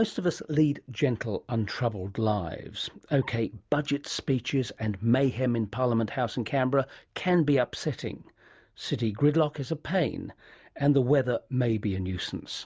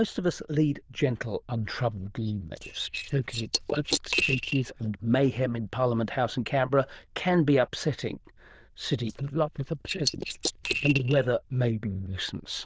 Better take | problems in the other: first | noise reduction (neural diffusion model UNIVERSE++)

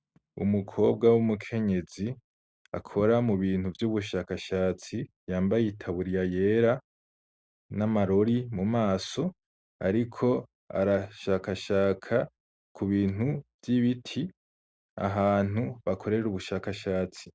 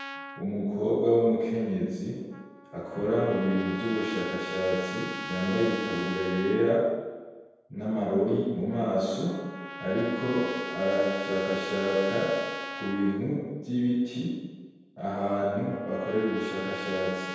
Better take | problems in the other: first | background sound (Trumpet); 11 dB below the speech // room echo; dies away in 1.2 s

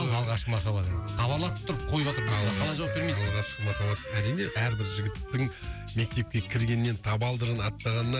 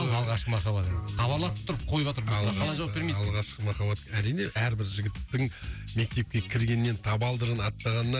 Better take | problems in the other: second | background sound (Squeak + Wind instrument, woodwind instrument); 12 dB below the speech

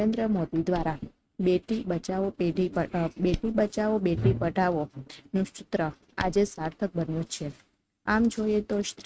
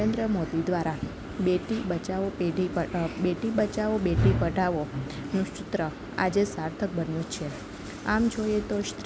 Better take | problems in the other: second | noise reduction (neural mask model RNNoise)

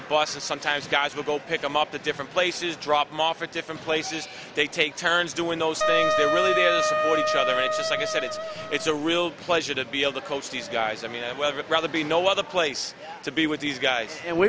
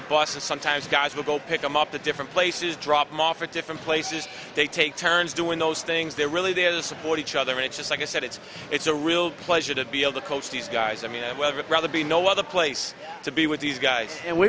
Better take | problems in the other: second | background sound (Wind instrument, woodwind instrument); 1 dB above the speech

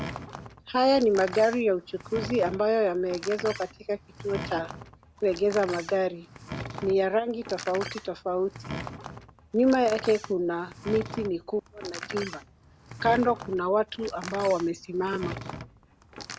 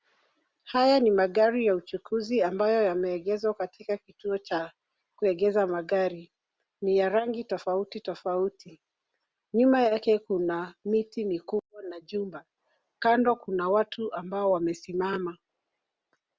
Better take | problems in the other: second | background sound (Door); 12 dB below the speech

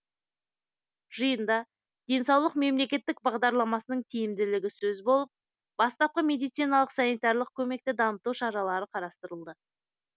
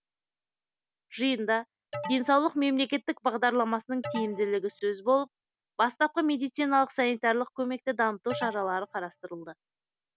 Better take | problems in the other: first | background sound (Alarm); 12 dB below the speech

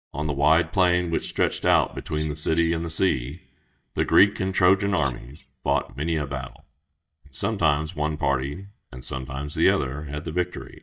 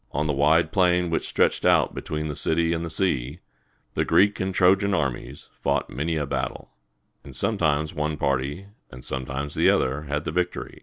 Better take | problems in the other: second | noise reduction (neural mask model DeepFilterNet 3)

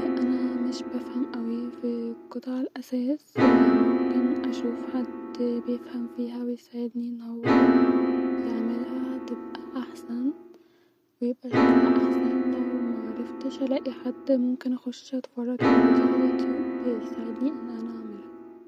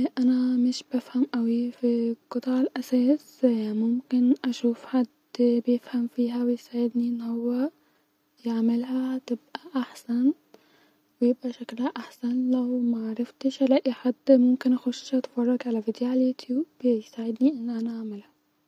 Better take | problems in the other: second | background sound (Piano); 4 dB above the speech

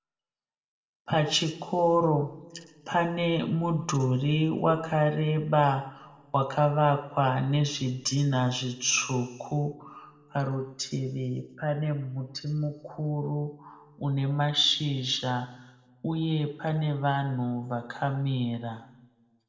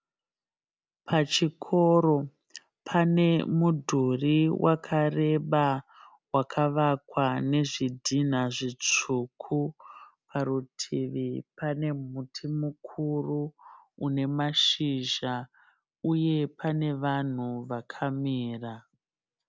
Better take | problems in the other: second | room echo; dies away in 0.7 s

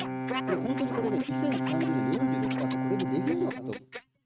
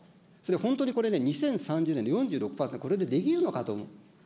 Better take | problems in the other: second | noise reduction (neural mask model RNNoise)

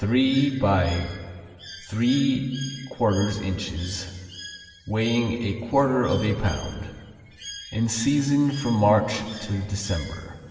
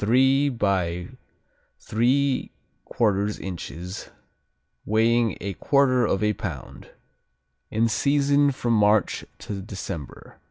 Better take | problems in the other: second | background sound (Bird); 18 dB below the speech // room echo; dies away in 1.9 s

